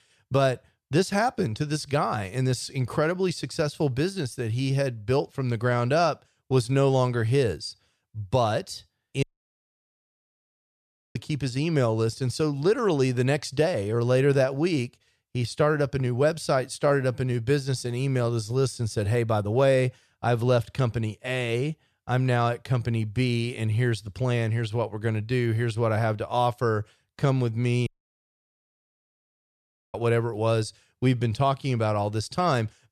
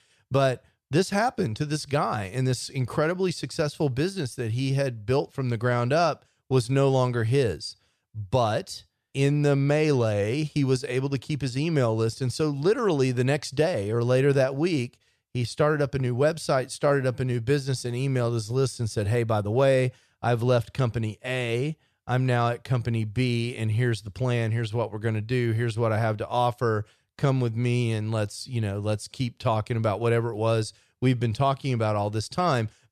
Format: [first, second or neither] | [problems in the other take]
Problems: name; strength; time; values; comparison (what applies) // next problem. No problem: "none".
second | audio cutting out; at 9 s for 2 s and at 28 s for 2 s